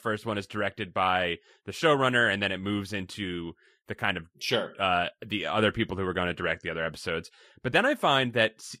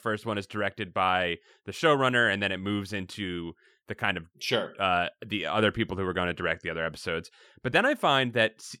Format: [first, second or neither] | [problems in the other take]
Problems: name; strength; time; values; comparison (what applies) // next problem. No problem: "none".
second | garbled, watery; slightly; nothing above 14.5 kHz